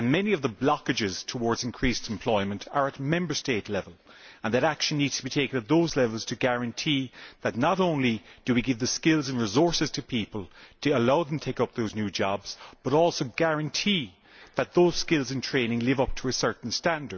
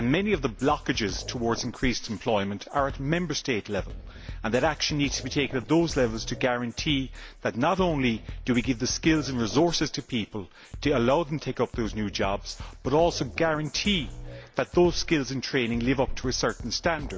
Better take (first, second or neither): first